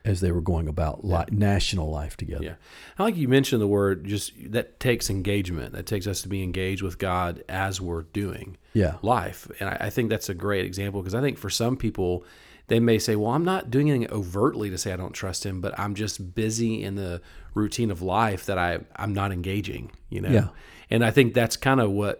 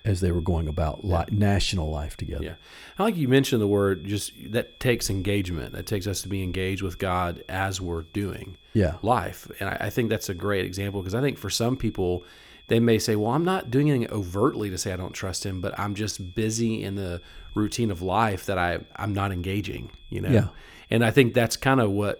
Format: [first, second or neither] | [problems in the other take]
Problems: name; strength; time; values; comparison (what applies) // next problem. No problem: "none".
first | high-pitched whine; faint; throughout; 3.5 kHz, 25 dB below the speech